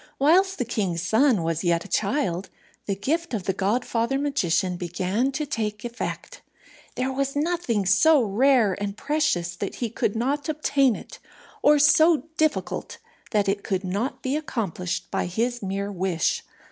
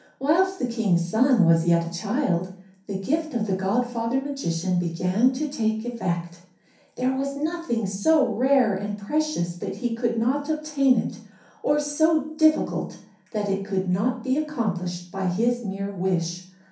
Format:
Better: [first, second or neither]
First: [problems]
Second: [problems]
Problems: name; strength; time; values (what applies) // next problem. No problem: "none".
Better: first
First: none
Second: room echo; dies away in 0.6 s